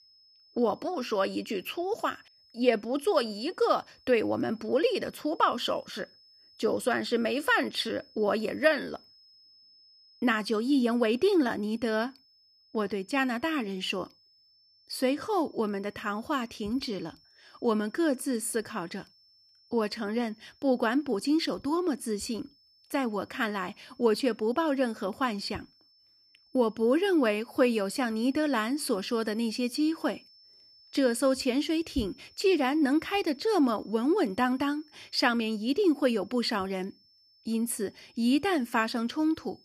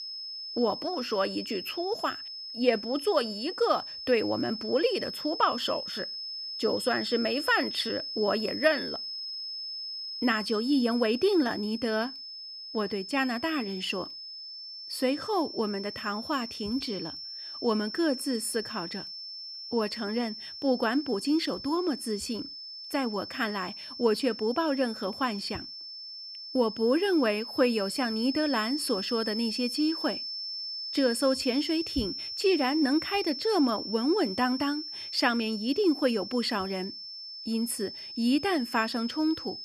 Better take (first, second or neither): first